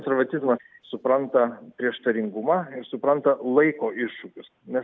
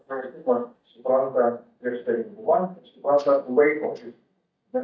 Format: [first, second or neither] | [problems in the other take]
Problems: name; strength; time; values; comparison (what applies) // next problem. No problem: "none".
first | noise reduction (neural mask model DeepFilterNet 3)